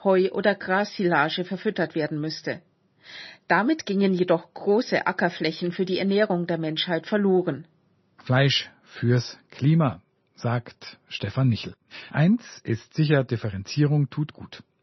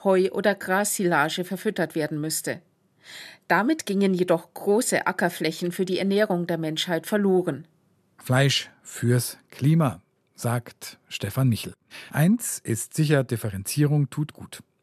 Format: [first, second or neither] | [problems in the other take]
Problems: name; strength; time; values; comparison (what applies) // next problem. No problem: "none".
second | garbled, watery; slightly; nothing above 6 kHz